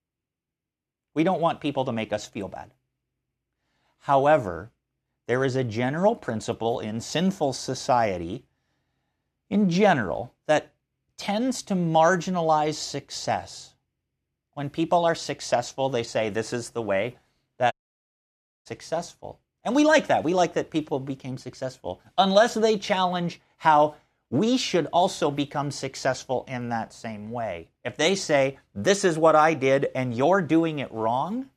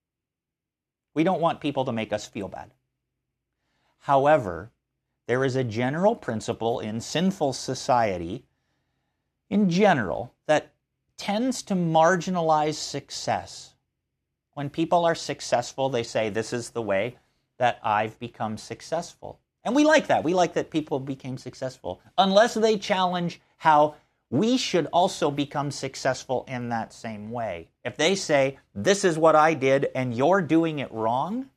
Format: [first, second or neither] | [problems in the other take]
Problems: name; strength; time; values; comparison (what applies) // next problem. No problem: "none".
second | audio cutting out; at 18 s for 1 s